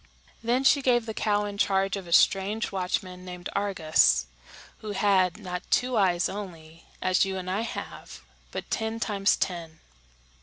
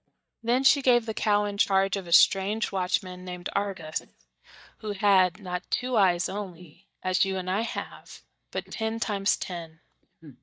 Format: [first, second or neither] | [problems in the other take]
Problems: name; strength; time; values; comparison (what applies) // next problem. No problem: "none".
first | noise reduction (neural mask model DeepFilterNet 3)